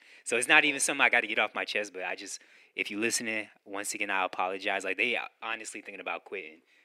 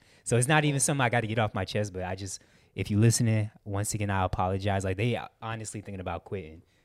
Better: second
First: thin; very; fading below 300 Hz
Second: none

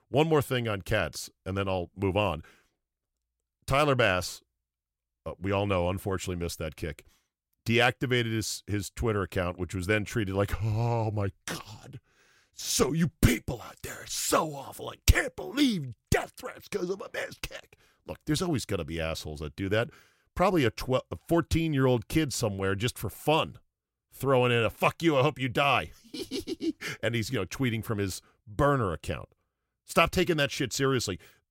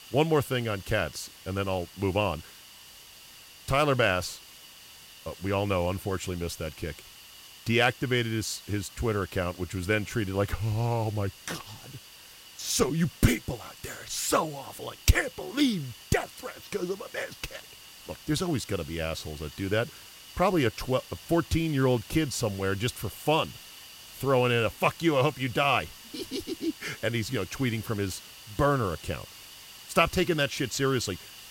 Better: first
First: none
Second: hiss; noticeable; throughout; 15 dB below the speech

